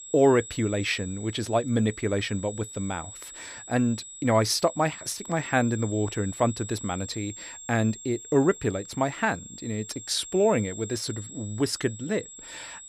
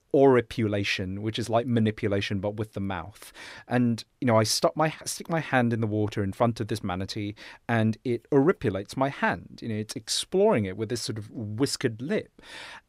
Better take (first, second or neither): second